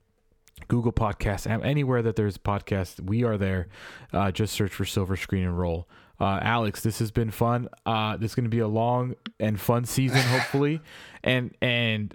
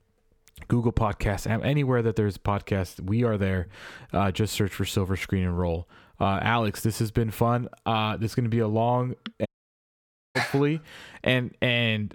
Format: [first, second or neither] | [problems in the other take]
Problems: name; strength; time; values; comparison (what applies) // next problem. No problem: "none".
first | audio cutting out; at 9.5 s for 1 s